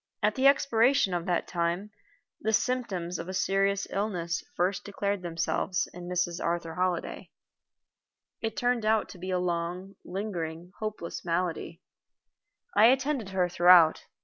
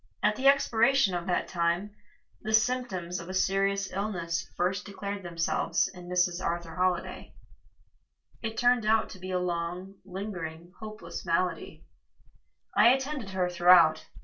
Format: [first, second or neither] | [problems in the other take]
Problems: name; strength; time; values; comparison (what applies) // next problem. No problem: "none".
first | background sound (Insect); 20 dB below the speech // room echo; dies away in 0.2 s